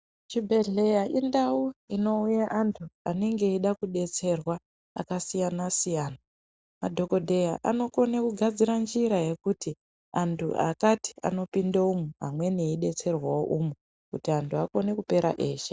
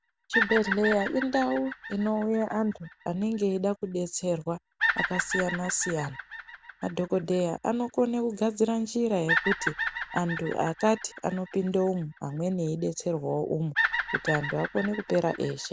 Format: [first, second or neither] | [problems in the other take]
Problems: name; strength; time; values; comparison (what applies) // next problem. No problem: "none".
first | background sound (Bird vocalization, bird call, bird song); 6 dB below the speech